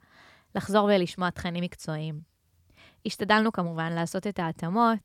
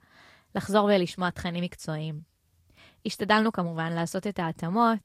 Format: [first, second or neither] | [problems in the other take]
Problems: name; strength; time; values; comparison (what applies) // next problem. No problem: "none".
first | garbled, watery; slightly; nothing above 14 kHz